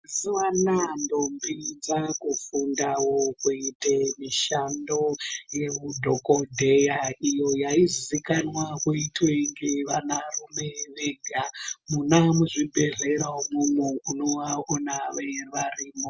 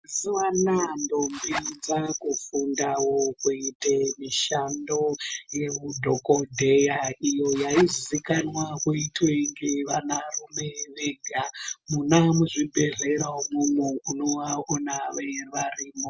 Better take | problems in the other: first | background sound (Zipper (clothing)); 12 dB below the speech

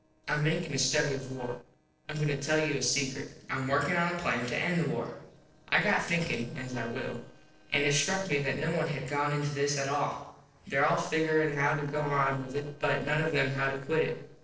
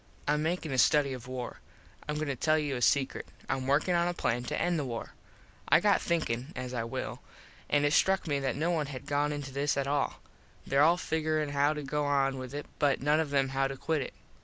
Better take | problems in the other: second | noise reduction (neural separator model SepFormer DNS4)

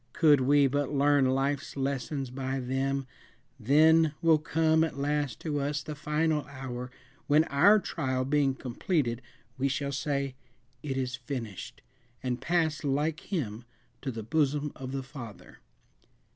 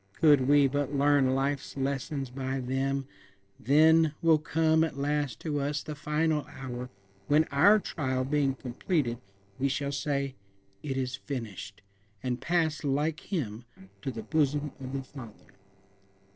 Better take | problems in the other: first | noise reduction (neural separator model SepFormer DNS4)

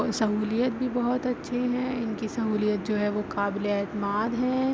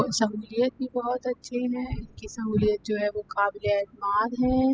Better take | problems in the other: first | noise reduction (classical method spectral subtraction)

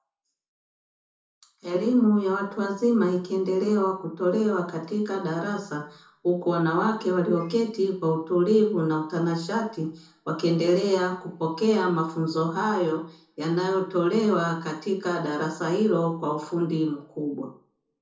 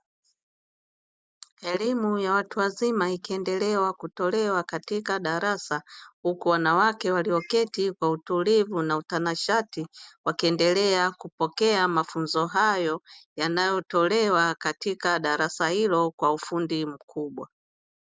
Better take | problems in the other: second | room echo; dies away in 0.7 s

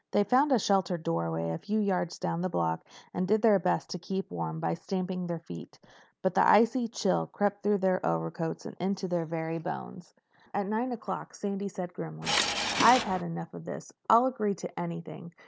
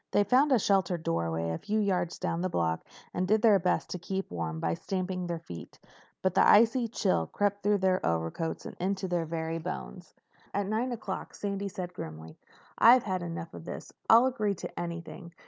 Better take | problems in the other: second | background sound (Subway, metro, underground / Engine); as loud as the speech

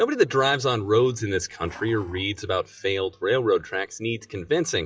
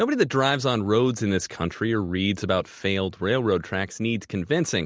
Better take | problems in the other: second | noise reduction (classical method WPE with log-MMSE)

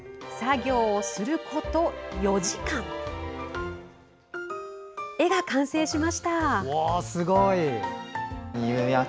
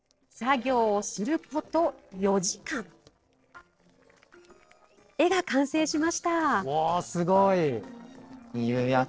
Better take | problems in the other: first | noise reduction (neural separator model SepFormer DNS4)

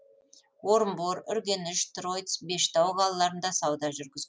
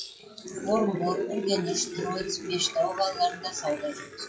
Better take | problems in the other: first | noise reduction (classical method WPE with log-MMSE)

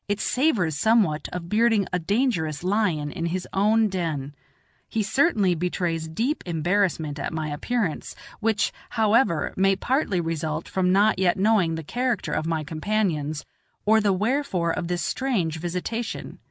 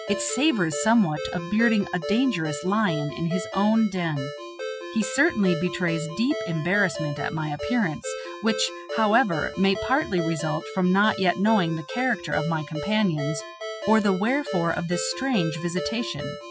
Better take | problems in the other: first | noise reduction (classical method Wiener filter)

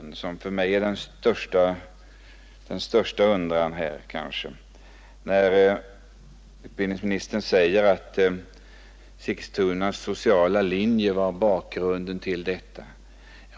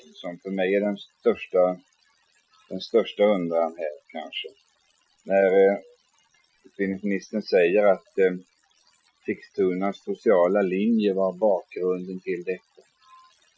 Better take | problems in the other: first | noise reduction (classical method Wiener filter)

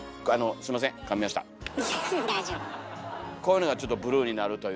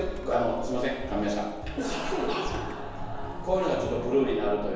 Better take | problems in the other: first | background sound (Water / Splash, splatter); 8 dB below the speech // room echo; dies away in 1.2 s

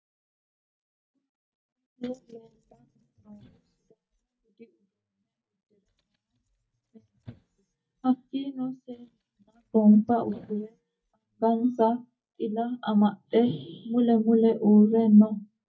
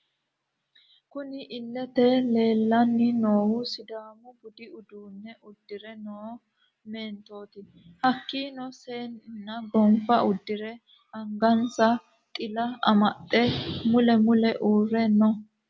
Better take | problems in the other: second | noise reduction (neural mask model DeepFilterNet 3)

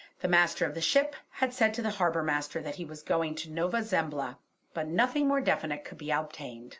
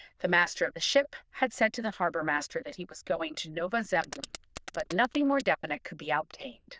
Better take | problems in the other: first | noise reduction (neural diffusion model UNIVERSE++)

